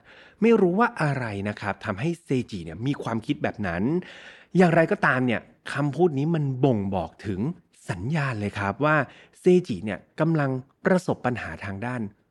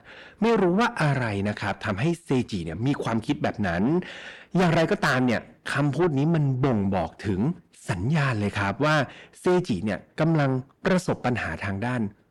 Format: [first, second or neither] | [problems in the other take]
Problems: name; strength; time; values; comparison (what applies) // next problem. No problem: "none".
first | distortion; heavy; 7 dB below the speech